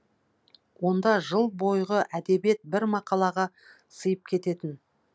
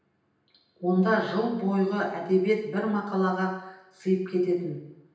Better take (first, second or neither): first